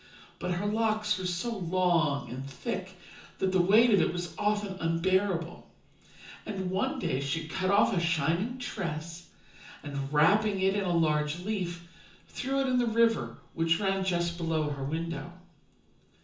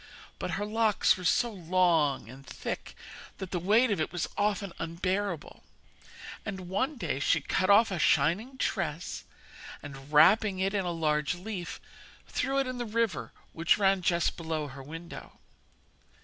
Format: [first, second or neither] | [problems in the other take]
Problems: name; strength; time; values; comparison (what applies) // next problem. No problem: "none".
second | room echo; dies away in 0.6 s